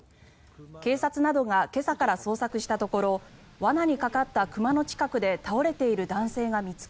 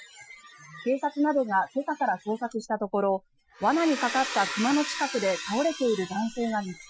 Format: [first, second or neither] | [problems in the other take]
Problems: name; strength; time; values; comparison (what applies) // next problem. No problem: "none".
first | noise reduction (classical method Wiener filter)